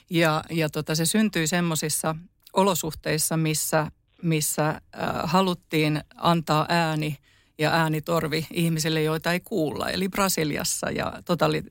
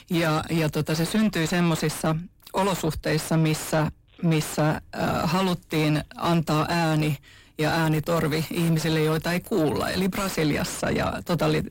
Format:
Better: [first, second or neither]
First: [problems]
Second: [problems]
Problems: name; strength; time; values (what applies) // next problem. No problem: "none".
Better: first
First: none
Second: distortion; heavy; 5 dB below the speech